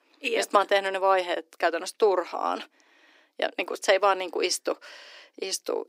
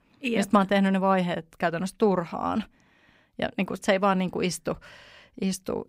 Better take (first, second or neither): second